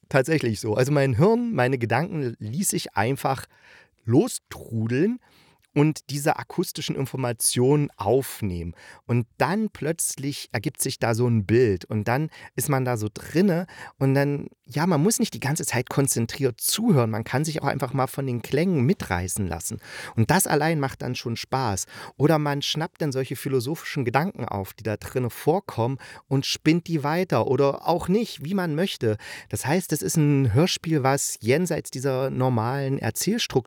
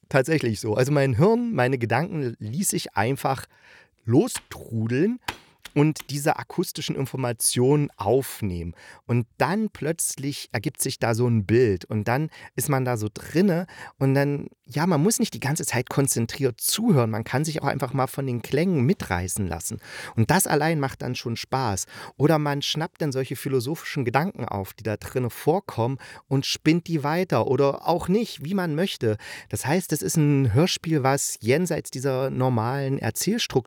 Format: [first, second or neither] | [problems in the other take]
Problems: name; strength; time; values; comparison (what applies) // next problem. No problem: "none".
first | keyboard typing; faint; from 4.5 to 6 s; peak 10 dB below the speech